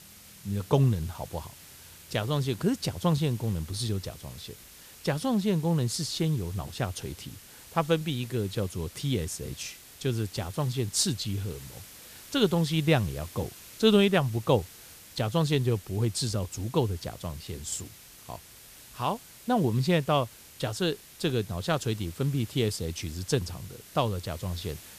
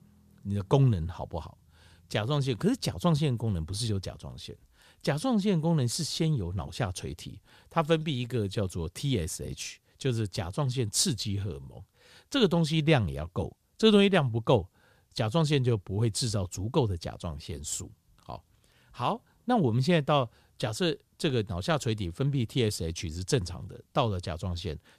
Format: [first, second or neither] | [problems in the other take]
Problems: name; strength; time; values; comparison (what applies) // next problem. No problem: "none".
second | hiss; noticeable; throughout; 20 dB below the speech